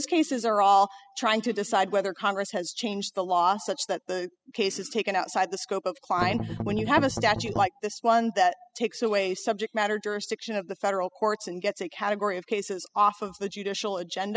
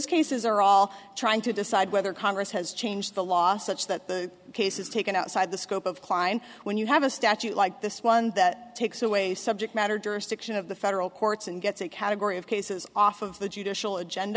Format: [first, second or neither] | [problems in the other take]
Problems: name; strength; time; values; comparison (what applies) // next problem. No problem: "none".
second | noise reduction (classical method spectral subtraction)